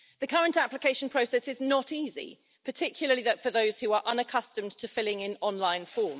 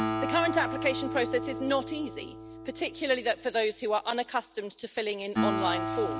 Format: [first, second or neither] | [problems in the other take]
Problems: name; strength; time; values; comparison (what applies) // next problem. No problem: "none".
first | background sound (Acoustic guitar); 4 dB below the speech